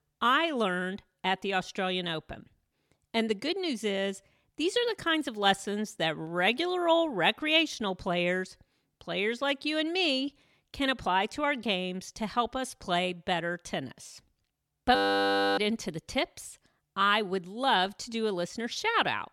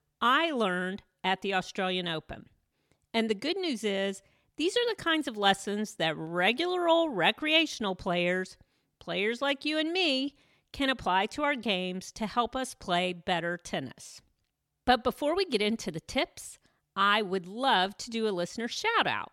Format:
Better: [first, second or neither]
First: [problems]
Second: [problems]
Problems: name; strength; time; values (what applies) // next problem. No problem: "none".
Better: second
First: audio freezing; at 15 s for 0.5 s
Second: none